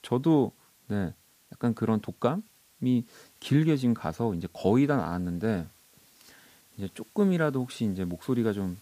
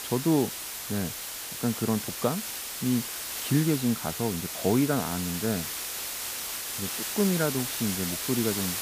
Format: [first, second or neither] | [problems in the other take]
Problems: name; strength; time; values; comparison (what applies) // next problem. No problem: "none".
first | hiss; loud; throughout; 3 dB below the speech; faint in the first